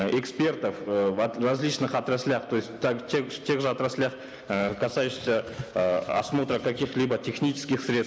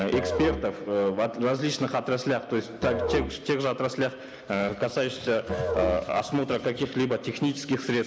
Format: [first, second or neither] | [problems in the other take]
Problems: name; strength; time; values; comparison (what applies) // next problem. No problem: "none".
first | background sound (Musical instrument); 8 dB below the speech